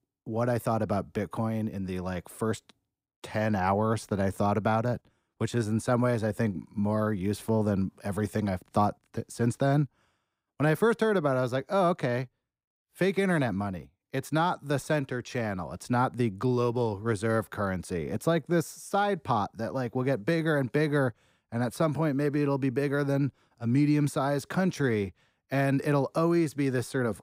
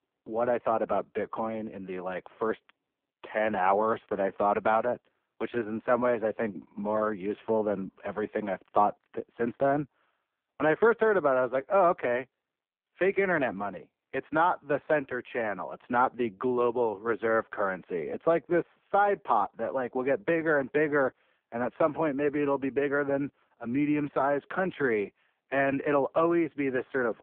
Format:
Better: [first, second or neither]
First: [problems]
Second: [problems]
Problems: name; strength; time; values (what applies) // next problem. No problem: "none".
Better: first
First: none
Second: phone-call audio; poor line